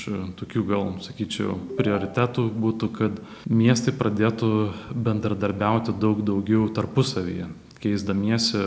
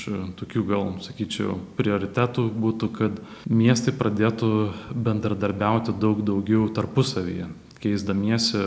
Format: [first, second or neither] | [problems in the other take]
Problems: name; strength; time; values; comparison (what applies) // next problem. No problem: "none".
second | background sound (Ringtone / Chime); 15 dB below the speech